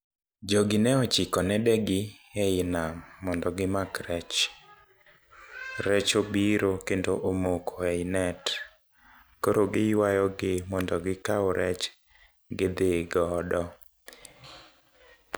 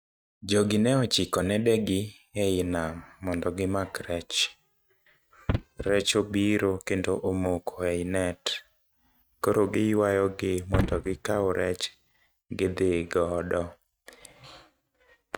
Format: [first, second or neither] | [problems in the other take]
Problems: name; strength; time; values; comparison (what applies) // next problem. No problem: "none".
first | noise reduction (neural mask model RNNoise)